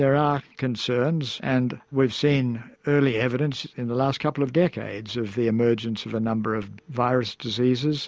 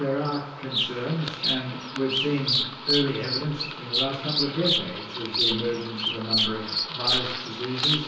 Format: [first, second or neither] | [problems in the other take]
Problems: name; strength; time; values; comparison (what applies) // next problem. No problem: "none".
first | background sound (Bird vocalization, bird call, bird song); 1 dB above the speech // room echo; dies away in 0.9 s